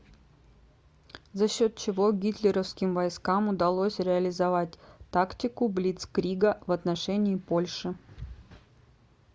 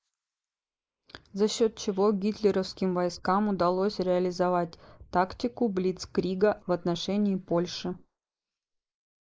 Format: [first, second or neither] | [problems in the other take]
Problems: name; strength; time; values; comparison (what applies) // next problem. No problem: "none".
first | noise reduction (neural mask model Resemble Enhance denoiser)